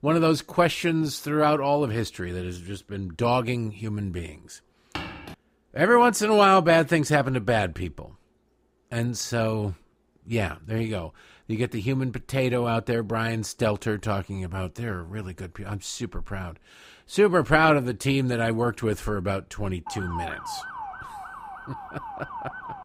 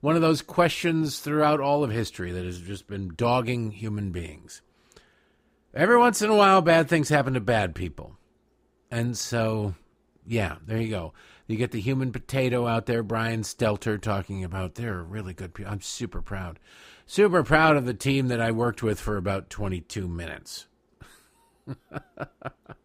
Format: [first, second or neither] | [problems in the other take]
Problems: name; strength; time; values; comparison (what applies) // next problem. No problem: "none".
second | footsteps; faint; at 5 s; peak 10 dB below the speech // siren; noticeable; from 20 s on; peak 9 dB below the speech